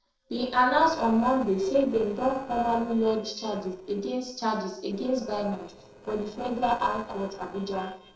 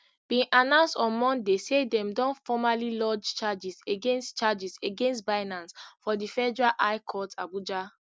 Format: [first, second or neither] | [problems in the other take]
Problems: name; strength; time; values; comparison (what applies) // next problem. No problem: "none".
second | noise reduction (neural separator model SepFormer DNS4)